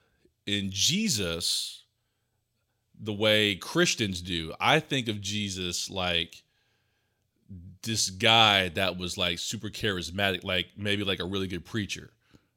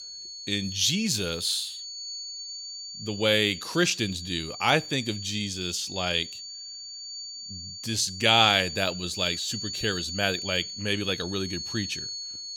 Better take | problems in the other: first | high-pitched whine; loud; throughout; 4.5 kHz, 9 dB below the speech

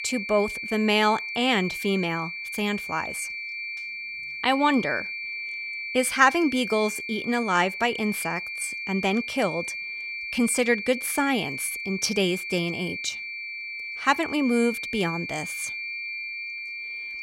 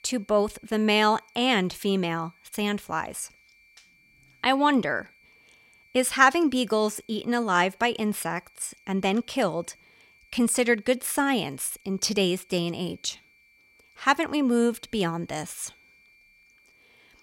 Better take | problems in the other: second | high-pitched whine; loud; throughout; 2.5 kHz, 6 dB below the speech; faint in the second

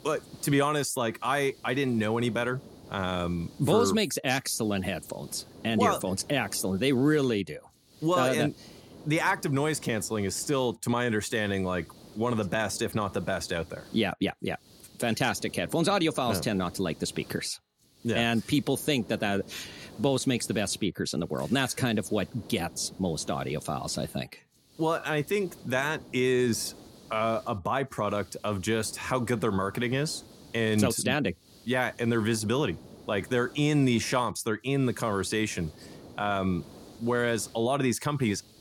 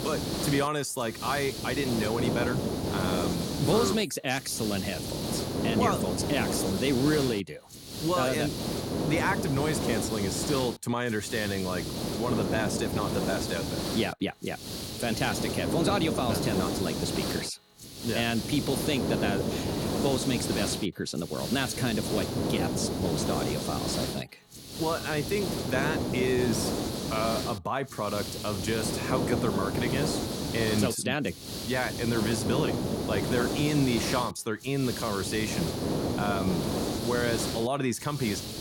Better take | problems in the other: first | hiss; loud; throughout; 1 dB below the speech; faint in the first

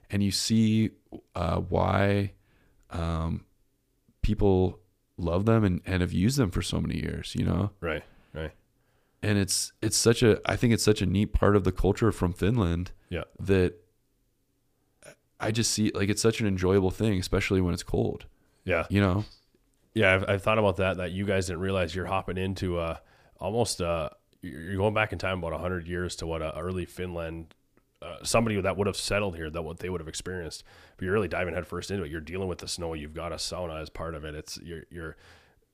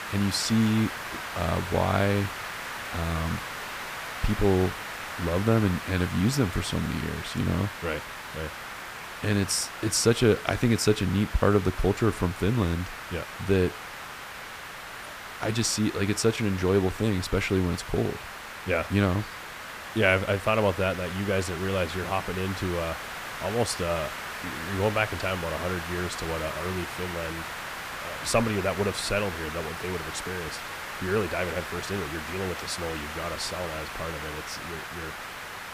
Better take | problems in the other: first | hiss; loud; throughout; 8 dB below the speech

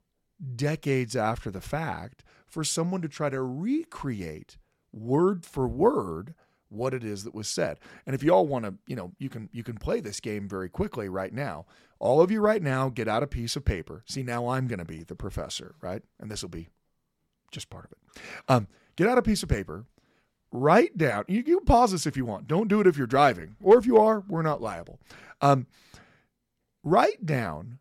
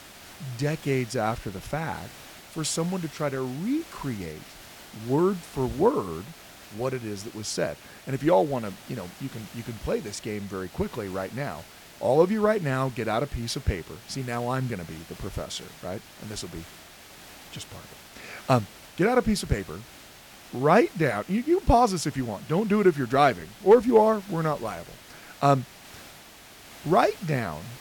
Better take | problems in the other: first | hiss; noticeable; throughout; 20 dB below the speech

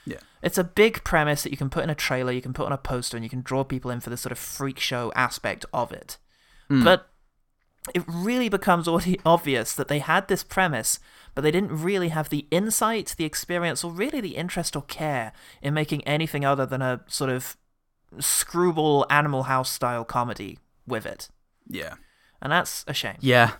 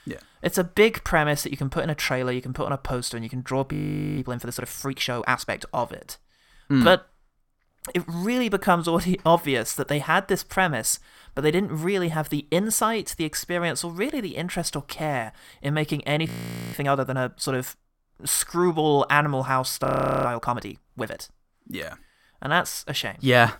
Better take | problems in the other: first | audio freezing; at 3.5 s, at 16 s and at 20 s

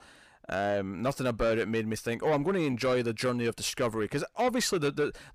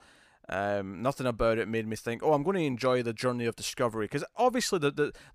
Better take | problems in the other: second | distortion; slight; 10 dB below the speech

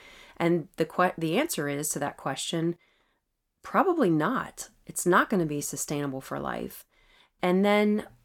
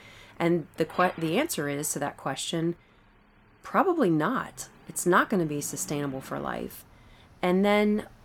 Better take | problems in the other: first | traffic noise; faint; throughout; 25 dB below the speech

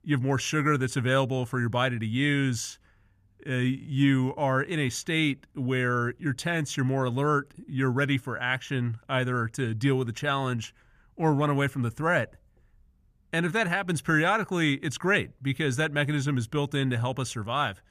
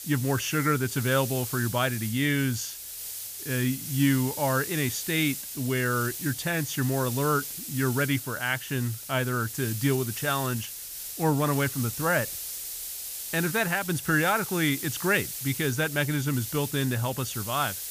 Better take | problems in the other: first | hiss; loud; throughout; 7 dB below the speech

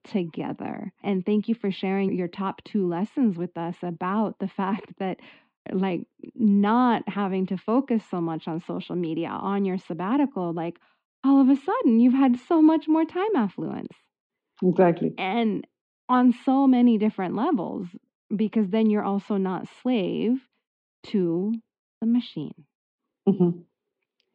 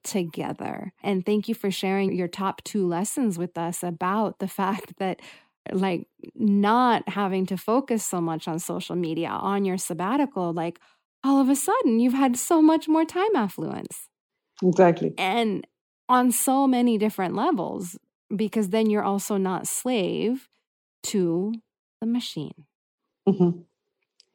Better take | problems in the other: second | muffled; very; fading above 3.5 kHz

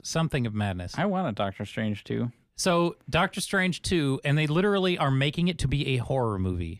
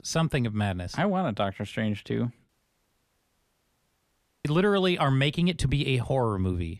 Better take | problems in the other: first | audio cutting out; at 2.5 s for 2 s

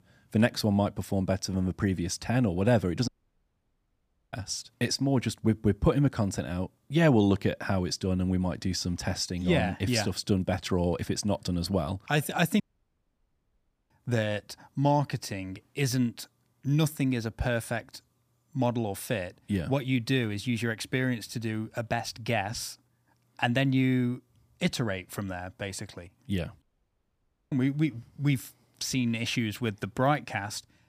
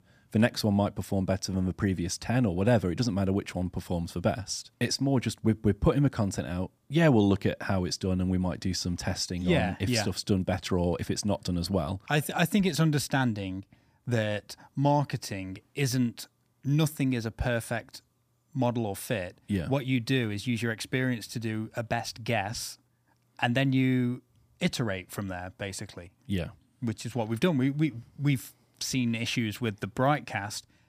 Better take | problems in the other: second | audio cutting out; at 3 s for 1.5 s, at 13 s for 1.5 s and at 27 s for 1 s

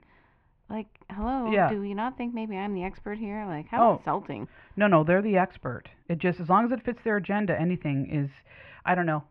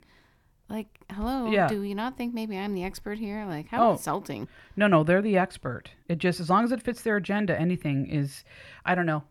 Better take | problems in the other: second | muffled; very; fading above 2.5 kHz

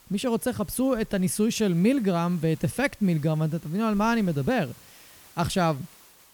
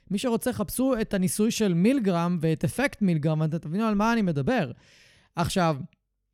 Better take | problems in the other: second | hiss; faint; throughout; 25 dB below the speech

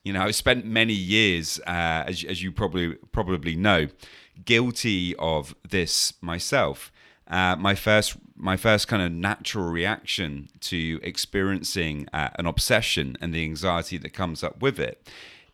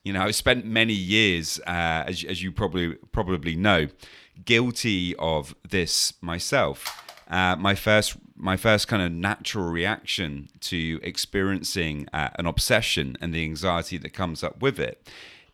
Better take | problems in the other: first | phone ringing; faint; at 7 s; peak 10 dB below the speech

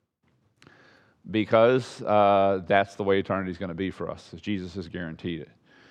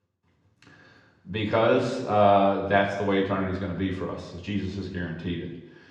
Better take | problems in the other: first | room echo; noticeable; dies away in 0.9 s // off-mic speech; far

